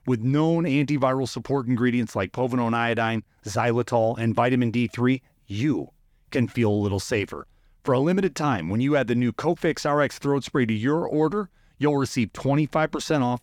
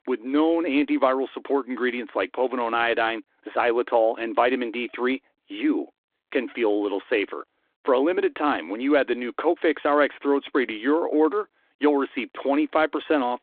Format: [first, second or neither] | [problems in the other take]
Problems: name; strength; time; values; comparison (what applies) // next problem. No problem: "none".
first | phone-call audio